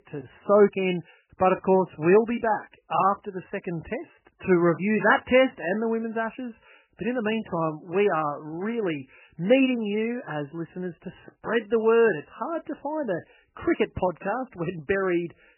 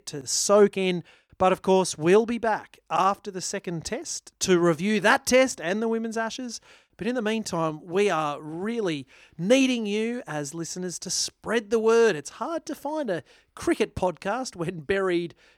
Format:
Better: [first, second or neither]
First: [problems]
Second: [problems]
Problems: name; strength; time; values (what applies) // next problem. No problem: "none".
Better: second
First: garbled, watery; badly; nothing above 3 kHz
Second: none